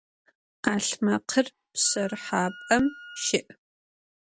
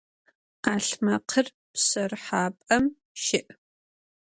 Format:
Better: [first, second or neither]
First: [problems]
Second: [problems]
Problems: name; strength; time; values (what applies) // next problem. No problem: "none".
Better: second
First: background sound (Wind instrument, woodwind instrument); 19 dB below the speech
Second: none